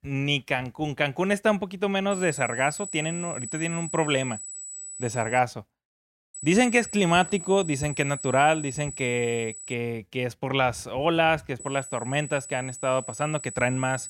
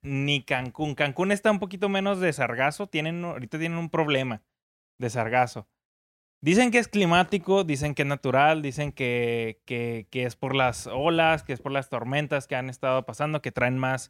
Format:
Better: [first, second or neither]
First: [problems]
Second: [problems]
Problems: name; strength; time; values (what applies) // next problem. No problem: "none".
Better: second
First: high-pitched whine; loud; from 2 to 5.5 s, from 6.5 to 9.5 s and from 12 s on; 8 kHz, 10 dB below the speech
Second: none